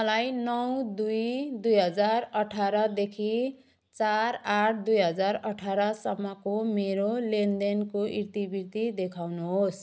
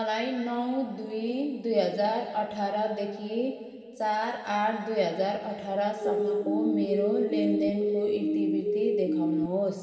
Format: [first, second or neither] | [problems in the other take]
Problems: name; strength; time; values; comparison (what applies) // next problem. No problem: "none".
first | background sound (Siren); 2 dB above the speech // room echo; dies away in 2.1 s